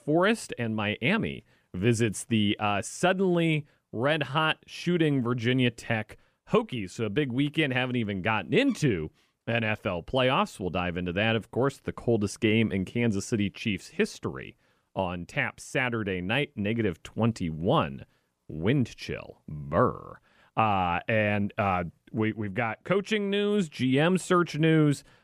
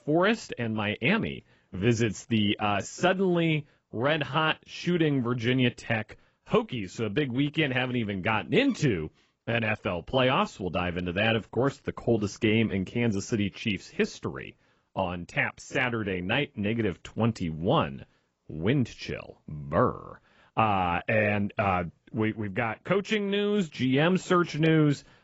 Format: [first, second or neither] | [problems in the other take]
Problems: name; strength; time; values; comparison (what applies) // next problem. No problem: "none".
first | garbled, watery; badly; nothing above 7.5 kHz